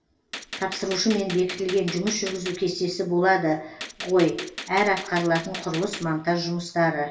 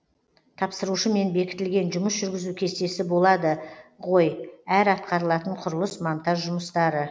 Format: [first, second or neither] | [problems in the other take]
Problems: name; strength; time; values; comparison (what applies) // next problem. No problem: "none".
second | background sound (Gunshot, gunfire); 13 dB below the speech // room echo; dies away in 0.2 s